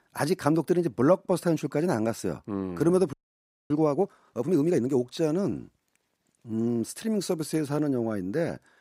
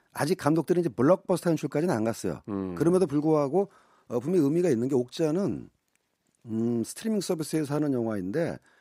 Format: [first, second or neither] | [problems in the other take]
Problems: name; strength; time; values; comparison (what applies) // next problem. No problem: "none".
second | audio freezing; at 3 s for 0.5 s